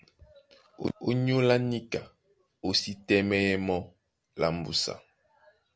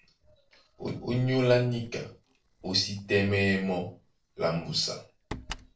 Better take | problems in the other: first | noise reduction (neural separator model SepFormer DNS4)

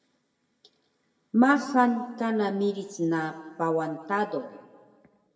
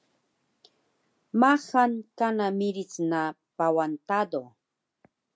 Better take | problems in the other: second | room echo; dies away in 1.2 s

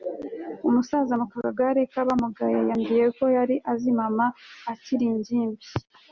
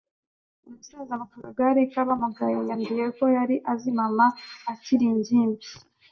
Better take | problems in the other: first | noise reduction (neural mask model DeepFilterNet 3)

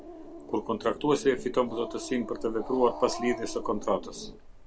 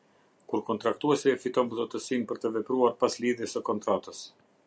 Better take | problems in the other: second | background sound (Growling); 10 dB below the speech

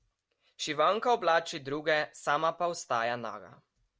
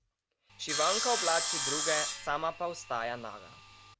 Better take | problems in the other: first | background sound (Sawing); as loud as the speech

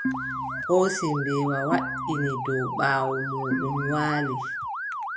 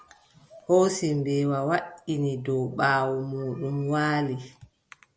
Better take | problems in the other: second | background sound (Organ + Motor vehicle (road) / Siren); 3 dB below the speech

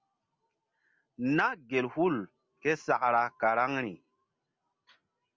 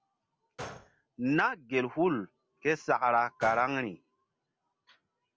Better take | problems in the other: first | background sound (Gunshot, gunfire); 18 dB below the speech

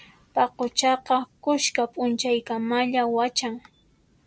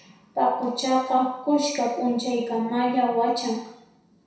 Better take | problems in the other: first | room echo; dies away in 0.7 s

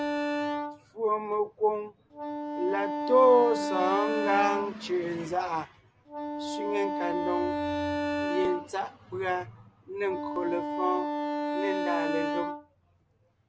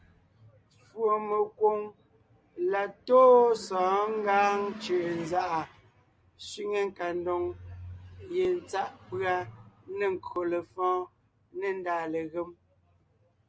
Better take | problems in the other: second | background sound (Wind instrument, woodwind instrument); 3 dB below the speech

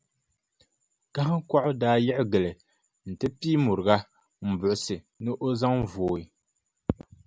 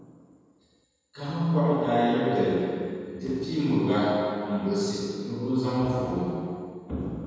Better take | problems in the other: first | room echo; dies away in 2.1 s

